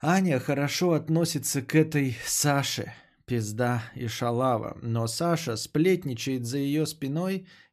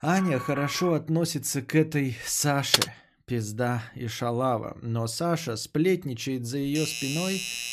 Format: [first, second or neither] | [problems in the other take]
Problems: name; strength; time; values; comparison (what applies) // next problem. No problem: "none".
first | alarm; noticeable; at the start; peak 8 dB below the speech // keyboard typing; loud; at 2.5 s; peak 4 dB above the speech // doorbell; noticeable; from 6.5 s on; peak 3 dB below the speech